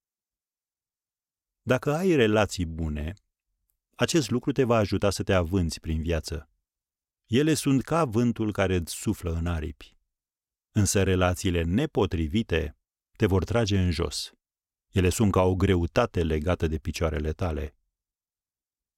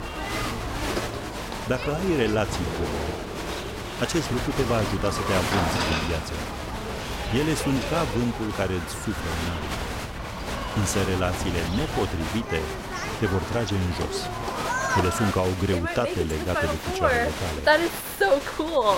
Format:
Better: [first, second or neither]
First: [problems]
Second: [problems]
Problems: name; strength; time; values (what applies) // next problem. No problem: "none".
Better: first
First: none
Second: crowd noise; loud; throughout; as loud as the speech